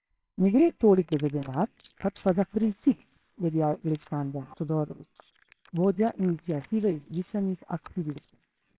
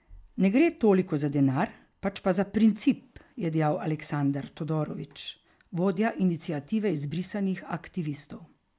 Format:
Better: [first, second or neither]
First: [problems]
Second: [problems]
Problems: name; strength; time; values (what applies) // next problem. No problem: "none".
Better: second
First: noise reduction (neural separator model SepFormer WHAMR!)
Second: none